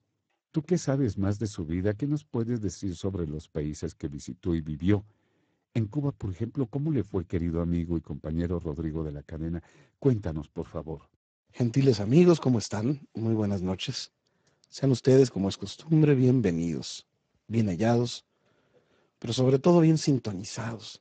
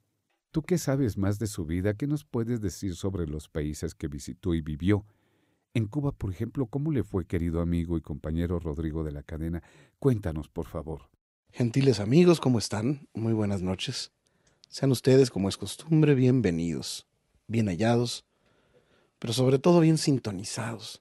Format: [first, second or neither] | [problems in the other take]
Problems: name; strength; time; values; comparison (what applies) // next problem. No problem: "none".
second | garbled, watery; badly; nothing above 8 kHz